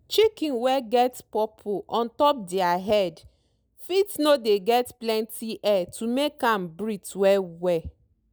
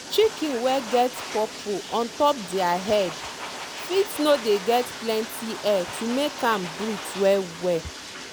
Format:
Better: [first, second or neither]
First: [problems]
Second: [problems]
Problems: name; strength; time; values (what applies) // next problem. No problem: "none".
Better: first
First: none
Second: background sound (Domestic sounds, home sounds + Bathtub (filling or washing)); 11 dB below the speech